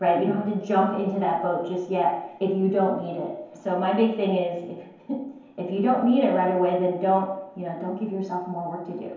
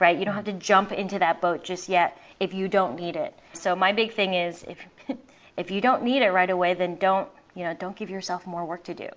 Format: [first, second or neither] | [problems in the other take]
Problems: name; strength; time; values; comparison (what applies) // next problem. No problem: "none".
second | room echo; dies away in 0.9 s